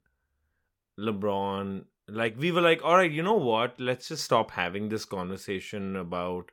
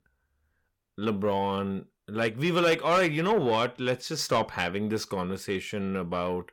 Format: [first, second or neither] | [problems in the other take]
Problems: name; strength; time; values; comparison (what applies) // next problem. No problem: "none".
first | distortion; slight; 10 dB below the speech